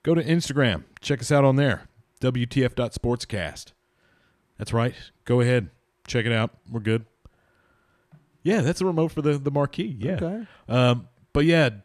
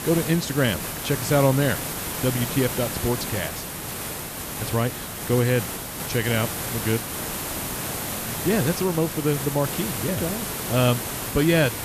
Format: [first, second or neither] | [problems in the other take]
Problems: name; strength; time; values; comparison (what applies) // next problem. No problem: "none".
first | hiss; loud; throughout; 4 dB below the speech